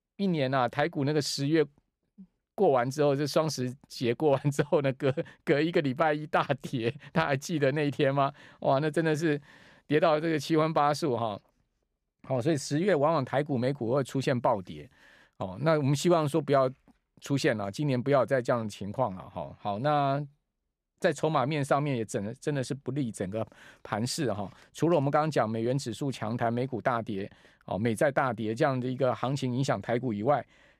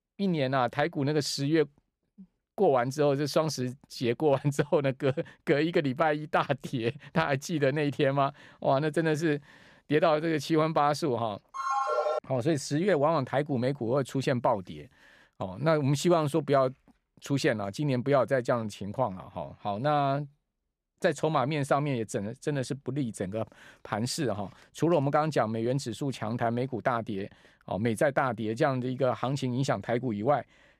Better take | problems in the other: first | phone ringing; loud; at 12 s; peak level with the speech

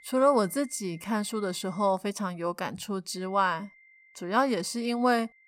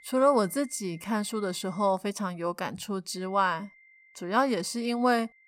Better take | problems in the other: neither | high-pitched whine; faint; until 2 s and from 3 s on; 2 kHz, 25 dB below the speech; the same in both

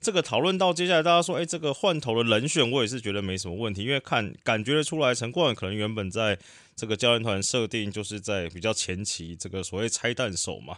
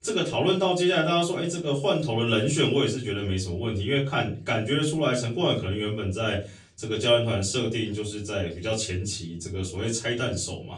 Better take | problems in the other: first | off-mic speech; far // room echo; slight; dies away in 0.4 s

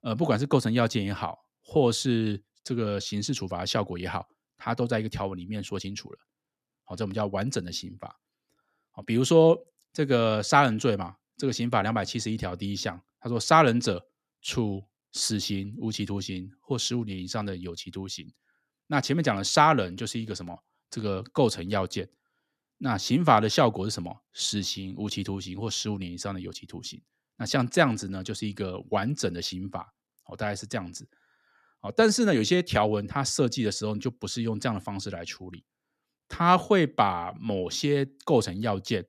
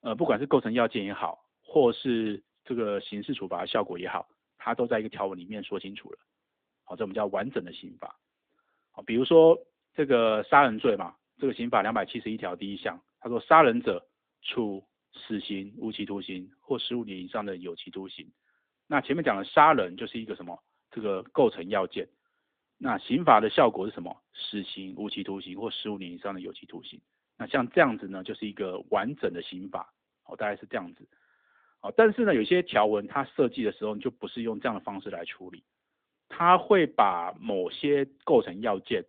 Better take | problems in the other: first | phone-call audio; nothing above 3.5 kHz

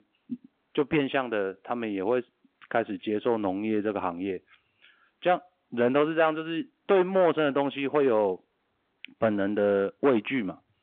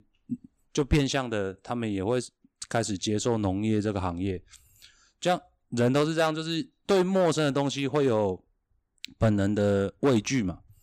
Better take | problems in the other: second | phone-call audio

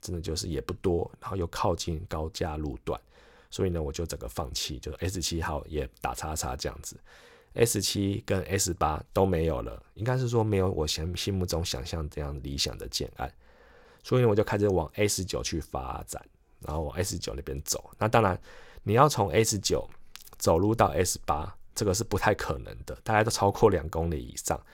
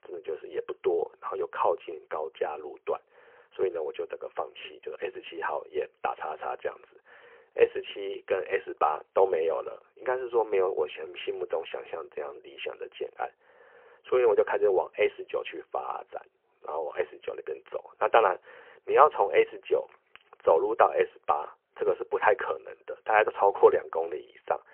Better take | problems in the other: first | phone-call audio; poor line; nothing above 3 kHz

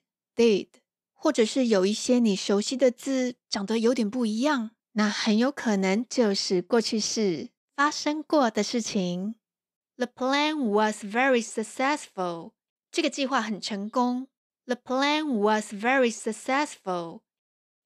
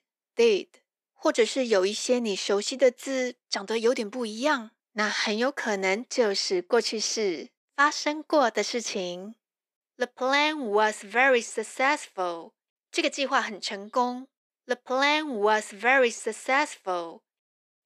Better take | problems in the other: first | thin; somewhat; fading below 400 Hz

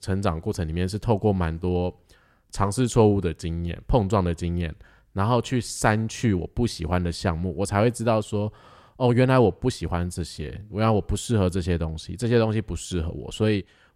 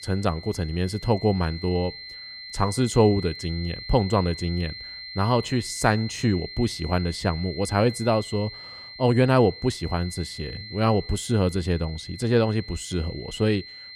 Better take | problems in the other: first | high-pitched whine; noticeable; throughout; 4 kHz, 15 dB below the speech

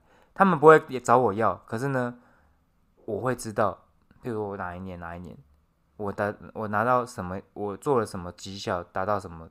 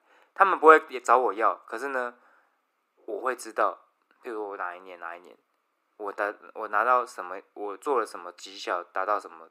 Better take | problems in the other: first | thin; very; fading below 300 Hz

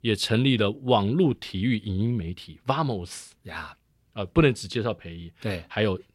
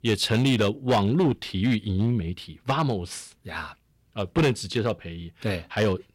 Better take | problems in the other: first | distortion; slight; 5% of the sound clipped

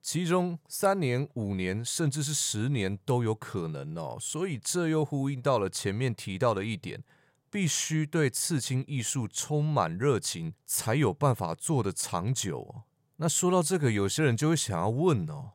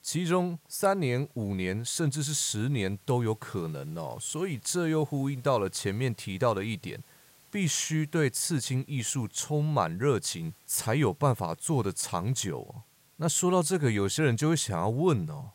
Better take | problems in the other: first | hiss; faint; throughout; 30 dB below the speech

